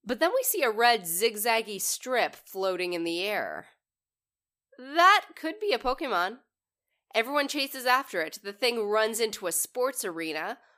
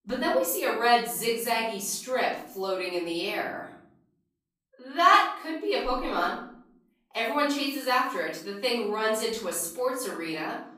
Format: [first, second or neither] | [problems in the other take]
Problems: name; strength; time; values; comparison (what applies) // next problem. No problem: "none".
first | off-mic speech; far // room echo; noticeable; dies away in 0.8 s